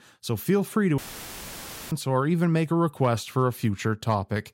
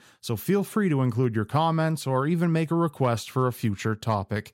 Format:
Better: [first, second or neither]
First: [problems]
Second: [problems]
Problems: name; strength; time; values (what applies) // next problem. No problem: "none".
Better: second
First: audio cutting out; filled with static; at 1 s for 1 s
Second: none